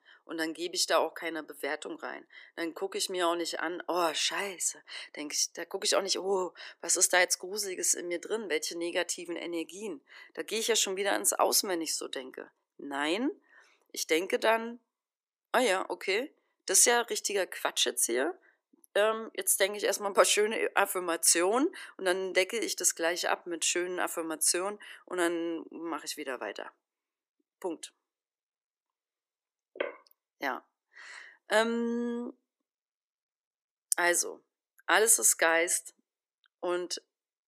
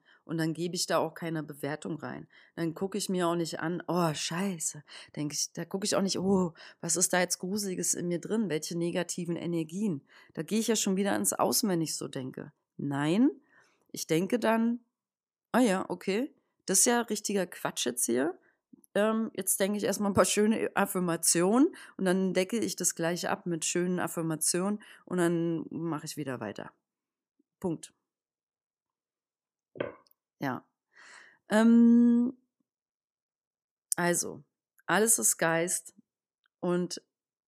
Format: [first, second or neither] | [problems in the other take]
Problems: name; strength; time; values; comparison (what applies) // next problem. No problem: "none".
second | thin; very; fading below 350 Hz